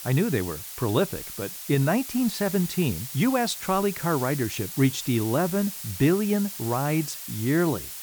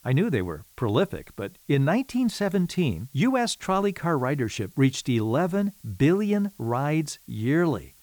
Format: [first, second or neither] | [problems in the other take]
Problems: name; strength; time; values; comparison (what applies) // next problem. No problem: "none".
second | hiss; loud; throughout; 9 dB below the speech; faint in the second